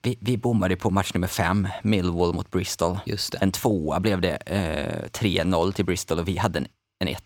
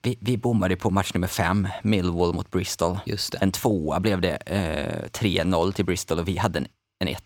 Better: neither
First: none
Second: none

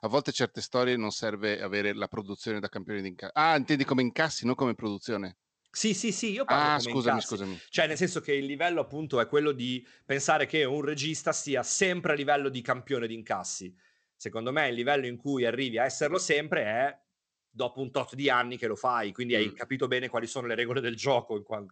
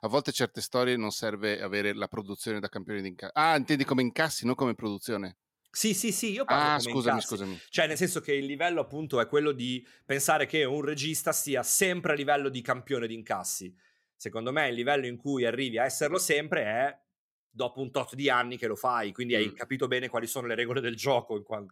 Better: second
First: garbled, watery; slightly; nothing above 8 kHz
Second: none

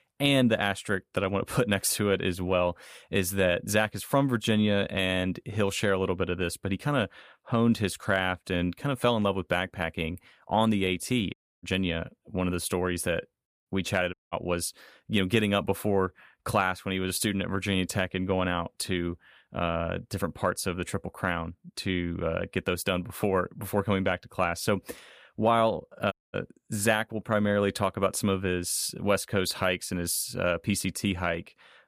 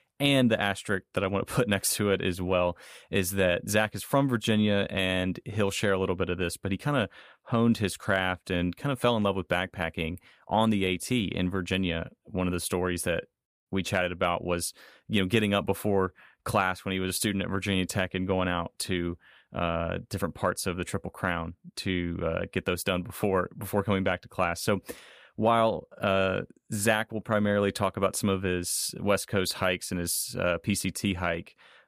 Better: second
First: audio cutting out; at 11 s, at 14 s and at 26 s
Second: none

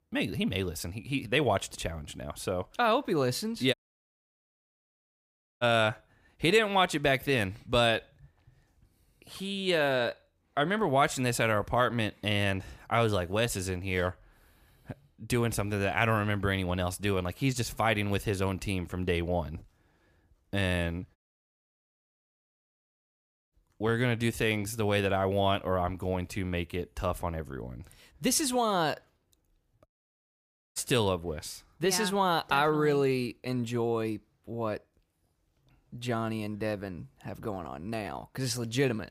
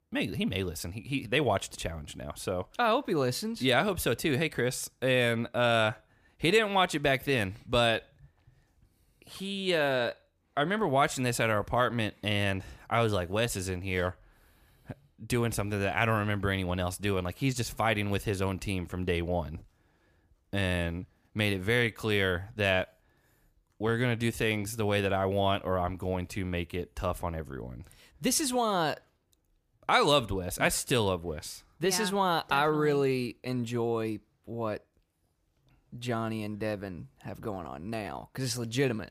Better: second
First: audio cutting out; at 3.5 s for 2 s, at 21 s for 2.5 s and at 30 s for 1 s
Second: none

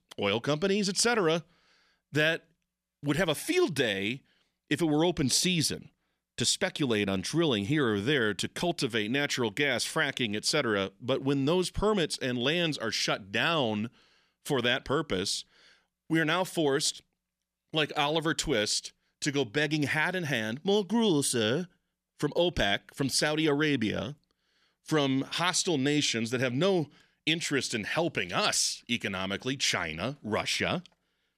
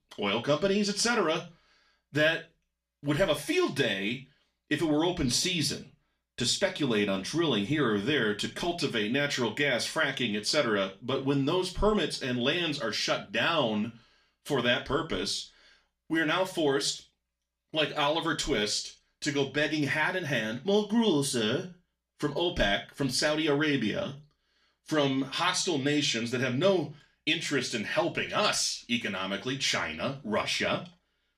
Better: first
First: none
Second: room echo; very slight; dies away in 0.3 s // off-mic speech; far

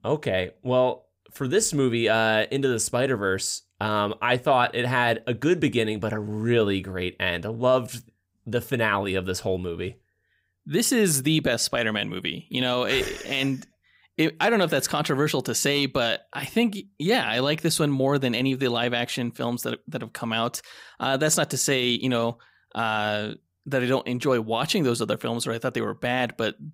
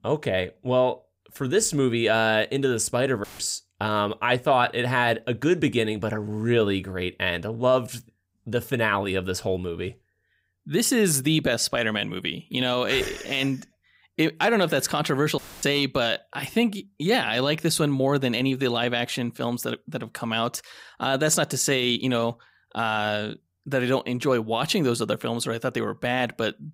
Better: first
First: none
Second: audio cutting out; filled with static; at 3 s and at 15 s

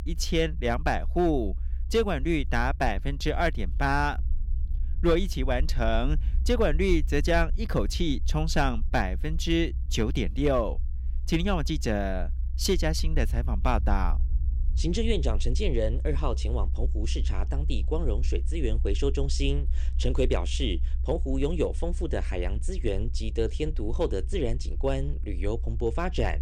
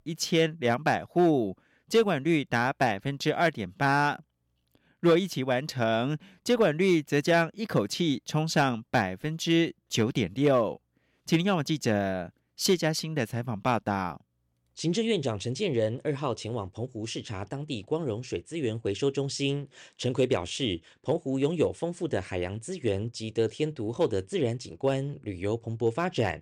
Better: second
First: low rumble; faint; throughout; 20 dB below the speech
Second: none

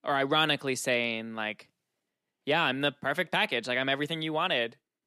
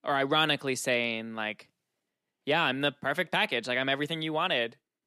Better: neither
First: none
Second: none

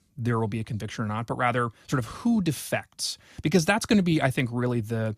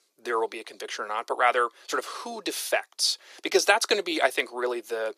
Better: first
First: none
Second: thin; very; fading below 400 Hz

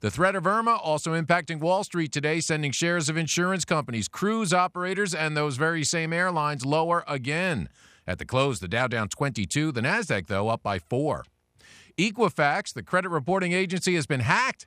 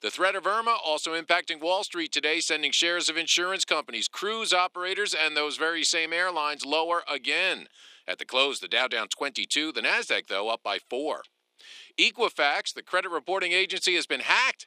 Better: first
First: none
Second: thin; very; fading below 300 Hz

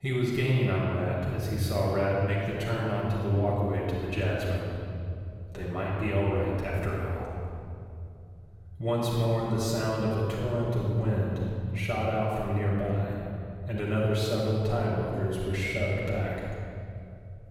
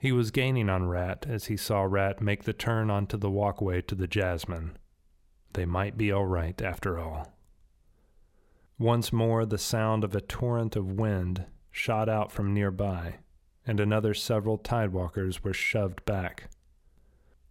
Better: second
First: room echo; strong; dies away in 2.6 s // off-mic speech; far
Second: none

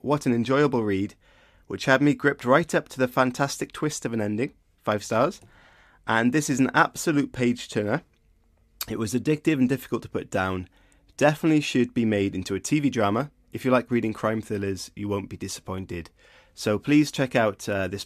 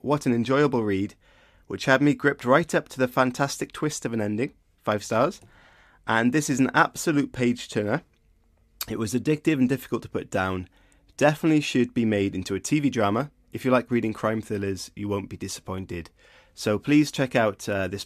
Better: neither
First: none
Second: none

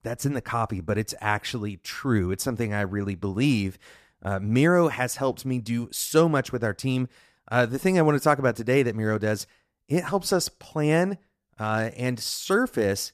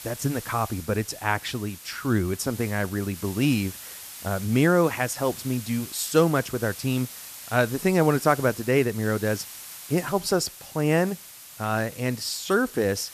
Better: first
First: none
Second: hiss; noticeable; throughout; 15 dB below the speech

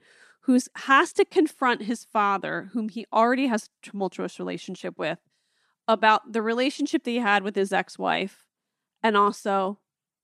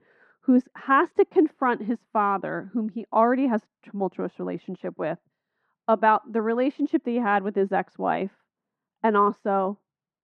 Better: first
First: none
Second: muffled; very; fading above 4 kHz

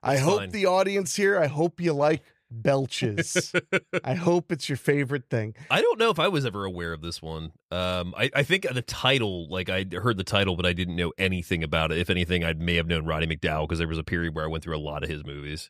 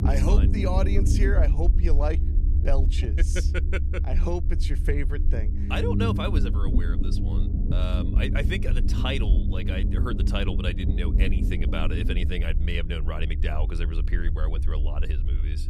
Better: first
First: none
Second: low rumble; loud; throughout; 7 dB below the speech

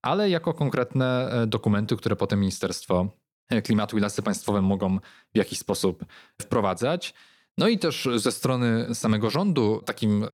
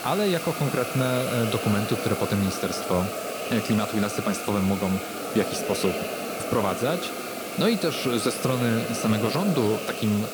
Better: first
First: none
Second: hiss; loud; throughout; 4 dB below the speech

